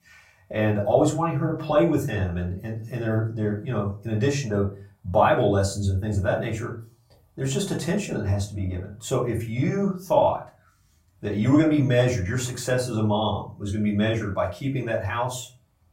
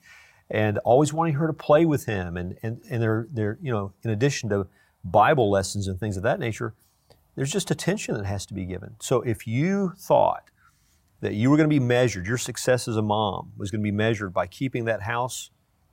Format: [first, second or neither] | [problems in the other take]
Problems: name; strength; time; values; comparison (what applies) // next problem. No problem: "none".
second | off-mic speech; far // room echo; very slight; dies away in 0.3 s